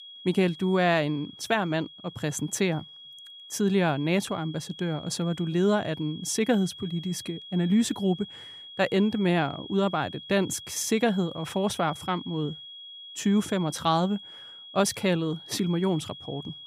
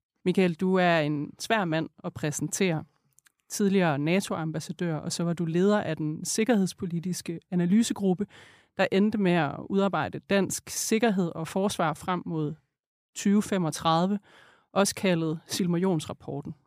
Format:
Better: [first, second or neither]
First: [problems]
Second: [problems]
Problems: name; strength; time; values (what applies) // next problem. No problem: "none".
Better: second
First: high-pitched whine; noticeable; throughout; 3.5 kHz, 15 dB below the speech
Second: none